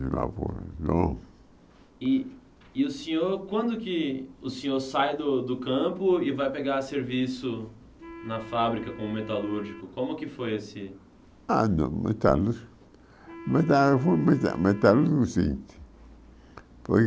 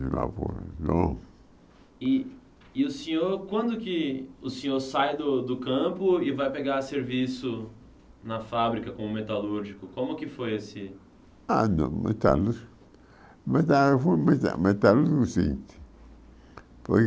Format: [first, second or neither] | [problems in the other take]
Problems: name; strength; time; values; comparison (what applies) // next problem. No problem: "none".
second | background sound (Wind instrument, woodwind instrument); 17 dB below the speech